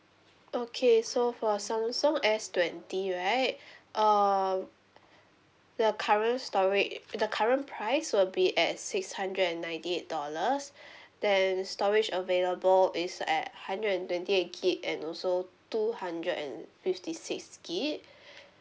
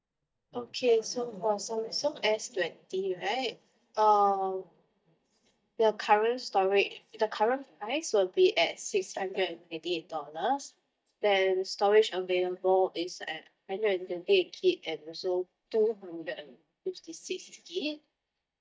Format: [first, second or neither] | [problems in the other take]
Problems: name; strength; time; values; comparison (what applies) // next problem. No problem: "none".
first | noise reduction (neural mask model DeepFilterNet 3)